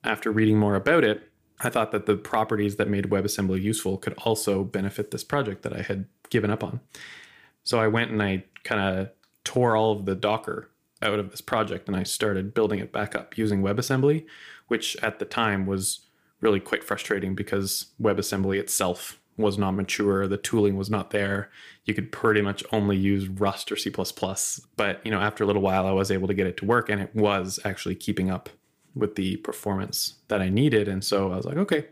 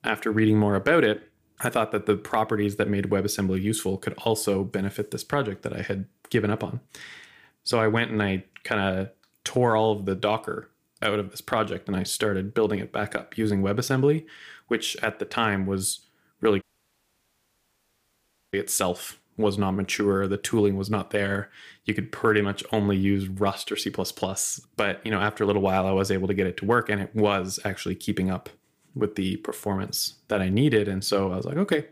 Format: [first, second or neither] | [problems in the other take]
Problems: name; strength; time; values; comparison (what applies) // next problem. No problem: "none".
first | audio cutting out; at 17 s for 2 s